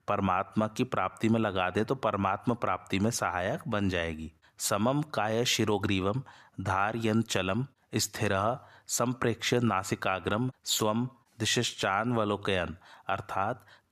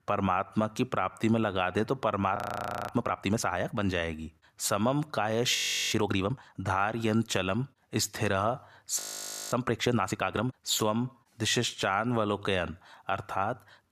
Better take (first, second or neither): first